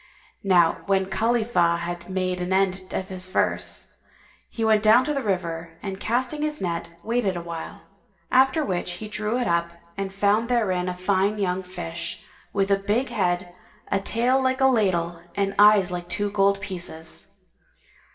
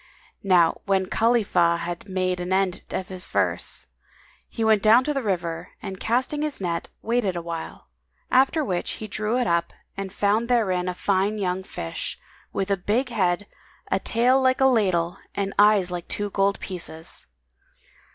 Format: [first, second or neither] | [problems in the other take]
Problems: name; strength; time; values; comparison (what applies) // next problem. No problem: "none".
second | room echo; dies away in 0.8 s